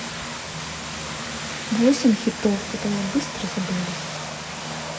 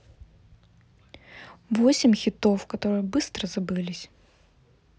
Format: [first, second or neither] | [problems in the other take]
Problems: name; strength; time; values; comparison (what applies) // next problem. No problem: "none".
second | background sound (Vehicle); 6 dB below the speech // room echo; dies away in 1.6 s